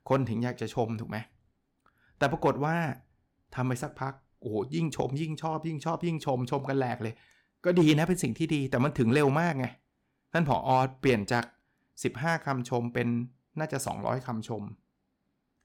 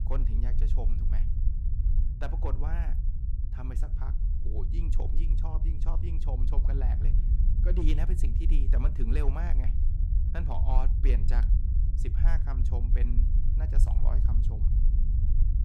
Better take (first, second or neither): first